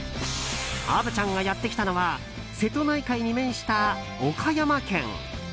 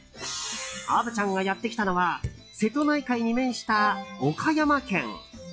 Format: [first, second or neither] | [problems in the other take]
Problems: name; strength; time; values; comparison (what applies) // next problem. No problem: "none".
first | noise reduction (classical method log-MMSE)